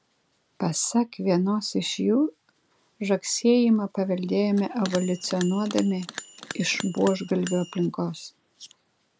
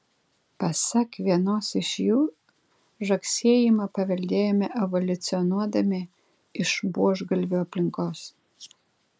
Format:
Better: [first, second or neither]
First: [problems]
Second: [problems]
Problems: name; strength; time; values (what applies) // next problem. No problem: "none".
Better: second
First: background sound (Bell); 14 dB below the speech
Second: none